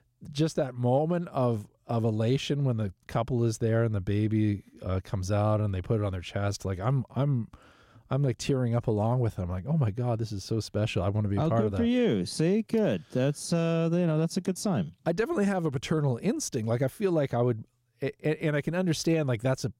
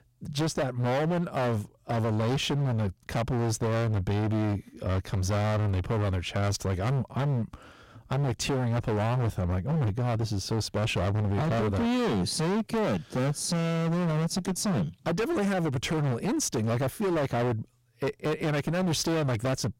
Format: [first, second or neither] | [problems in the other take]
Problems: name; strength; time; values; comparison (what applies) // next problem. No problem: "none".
first | distortion; heavy; 34% of the sound clipped